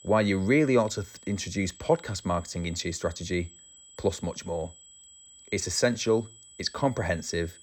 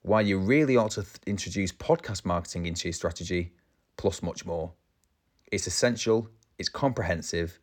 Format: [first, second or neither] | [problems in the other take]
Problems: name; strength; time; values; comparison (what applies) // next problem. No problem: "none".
second | high-pitched whine; faint; throughout; 8 kHz, 20 dB below the speech